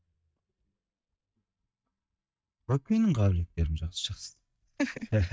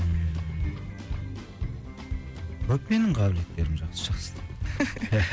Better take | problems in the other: second | noise reduction (neural mask model DeepFilterNet 3)

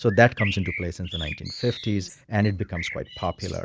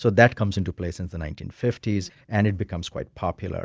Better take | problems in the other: second | background sound (Bird); 12 dB below the speech

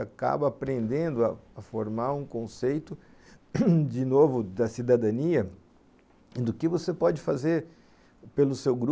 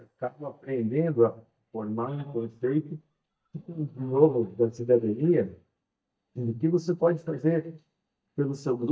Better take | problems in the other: first | noise reduction (neural mask model DeepFilterNet 3)

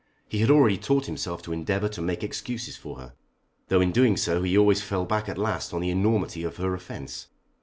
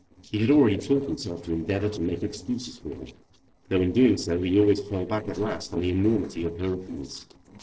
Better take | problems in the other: first | noise reduction (neural separator model SepFormer DNS4)

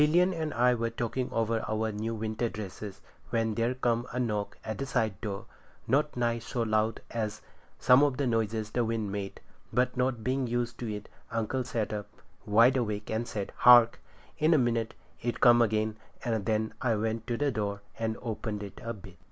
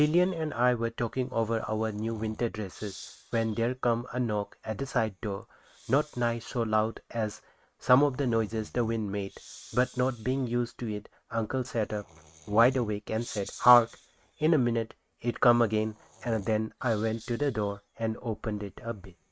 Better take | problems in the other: first | noise reduction (neural mask model RNNoise)

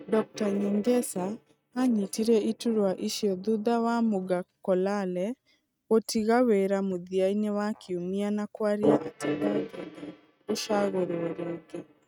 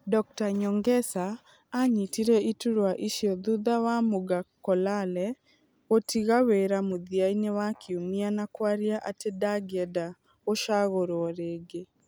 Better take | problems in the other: second | noise reduction (neural mask model RNNoise)

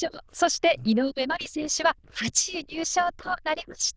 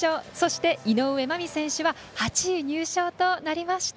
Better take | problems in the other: second | noise reduction (neural diffusion model UNIVERSE++)

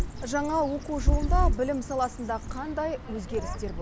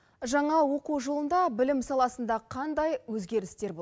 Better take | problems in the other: second | background sound (Bird vocalization, bird call, bird song); 1 dB above the speech

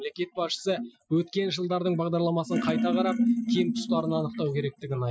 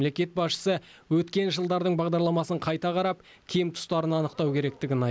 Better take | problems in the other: second | noise reduction (classical method Wiener filter)

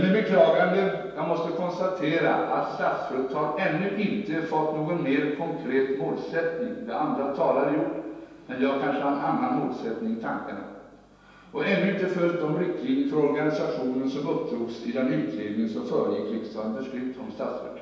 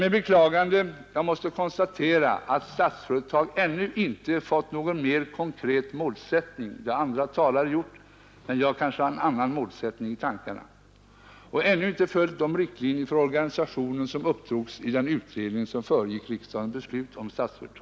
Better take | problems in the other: second | room echo; dies away in 1.2 s

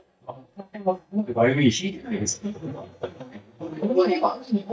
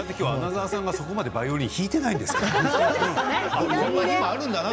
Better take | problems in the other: second | noise reduction (neural mask model DeepFilterNet 3)

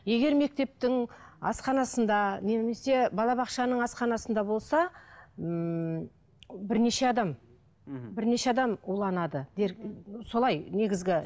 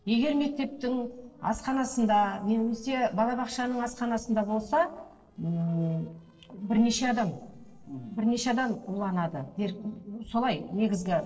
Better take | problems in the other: first | noise reduction (neural separator model SepFormer DNS4)

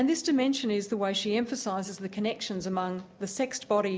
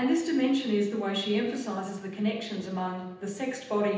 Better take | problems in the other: first | room echo; dies away in 0.9 s

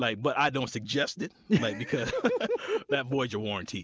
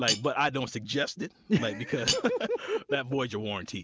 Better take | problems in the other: first | background sound (Cutlery, silverware); 8 dB below the speech

